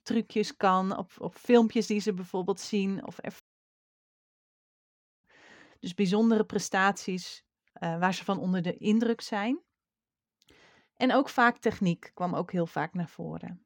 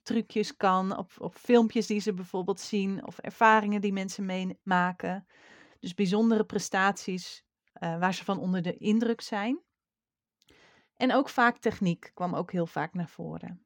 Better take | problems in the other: second | audio cutting out; at 3.5 s for 2 s

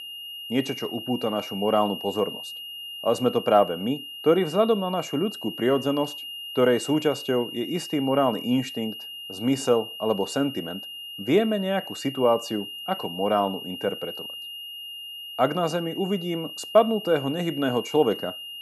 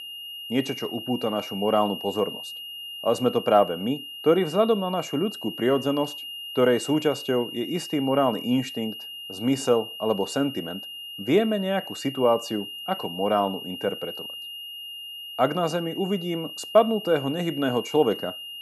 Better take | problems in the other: neither | high-pitched whine; loud; throughout; 3 kHz, 10 dB below the speech; the same in both

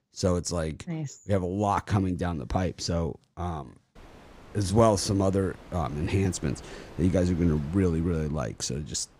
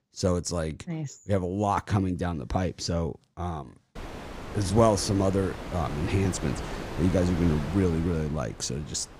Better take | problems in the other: first | wind noise on the microphone; heavy; from 4 s on; 9 dB below the speech; occasional gusts in the first

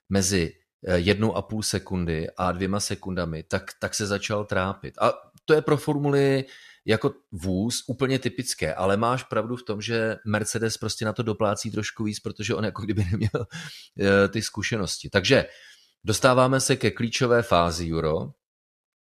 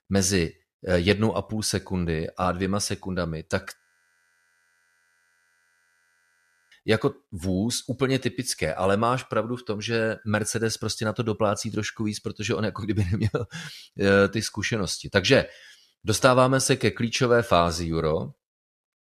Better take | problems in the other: first | audio freezing; at 4 s for 3 s

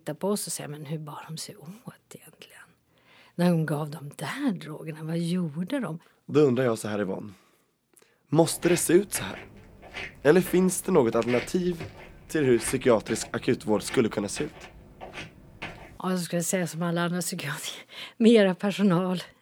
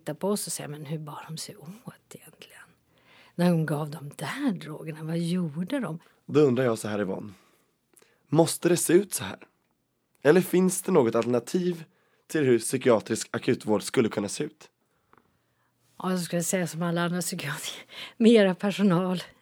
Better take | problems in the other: second | footsteps; noticeable; from 8.5 to 16 s; peak 9 dB below the speech

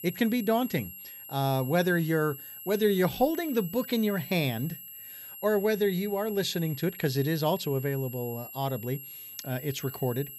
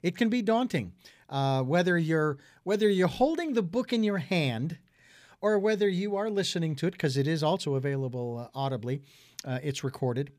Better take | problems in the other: second | high-pitched whine; noticeable; throughout; 11.5 kHz, 10 dB below the speech

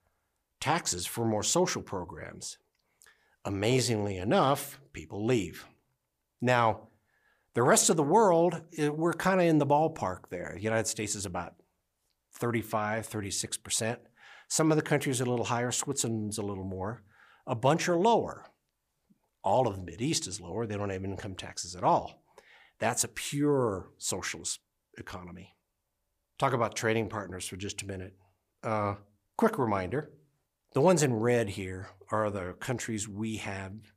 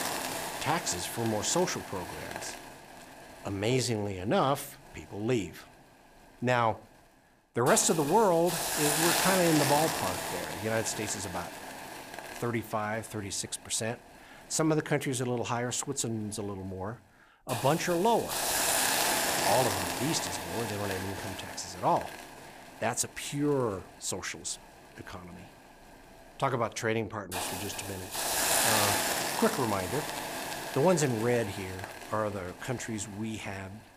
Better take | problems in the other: first | hiss; loud; throughout; 1 dB below the speech

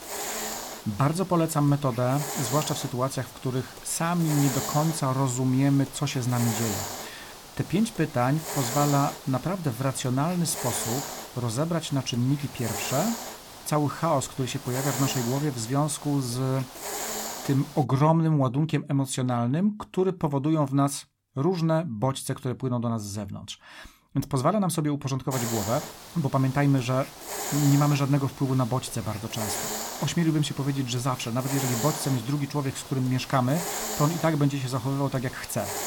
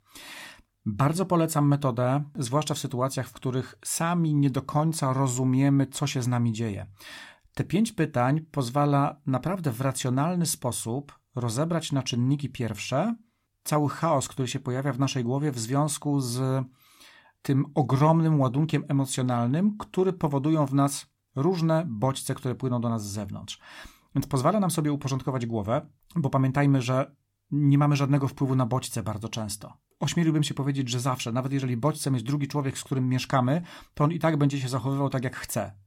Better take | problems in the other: second | hiss; loud; until 18 s and from 25 s on; 8 dB below the speech

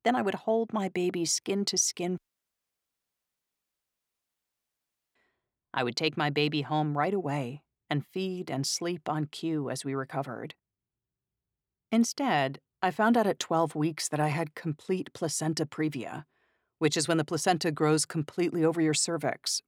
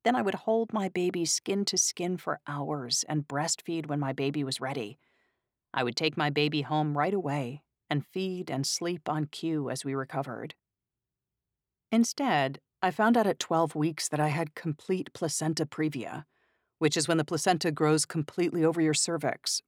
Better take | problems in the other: second | audio cutting out; at 2 s for 3 s

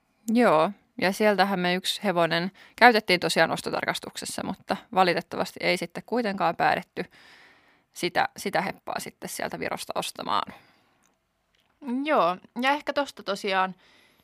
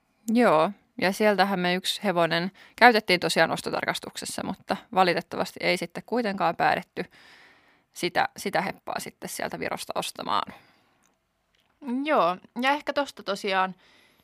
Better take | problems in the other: neither | none

